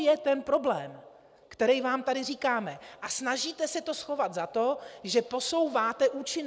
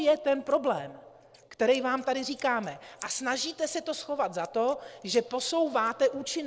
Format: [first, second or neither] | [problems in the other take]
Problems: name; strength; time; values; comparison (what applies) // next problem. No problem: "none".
first | noise reduction (neural separator model SepFormer DNS4)